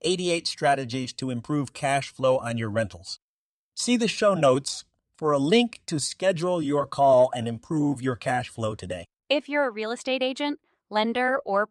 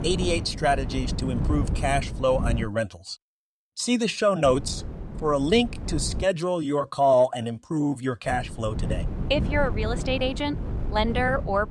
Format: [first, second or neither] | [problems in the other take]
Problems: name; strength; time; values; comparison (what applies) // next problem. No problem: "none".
first | wind noise on the microphone; occasional gusts; until 2.5 s, from 4.5 to 6 s and from 8.5 s on; 15 dB below the speech